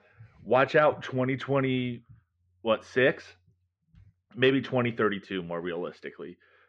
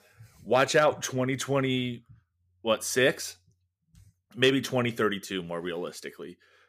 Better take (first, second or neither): second